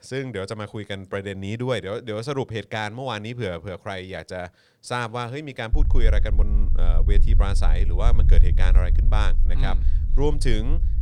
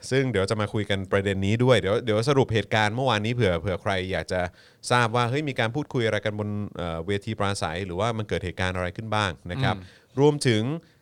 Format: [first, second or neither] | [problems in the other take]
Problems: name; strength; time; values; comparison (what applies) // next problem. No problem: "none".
second | low rumble; noticeable; from 5.5 s on; 15 dB below the speech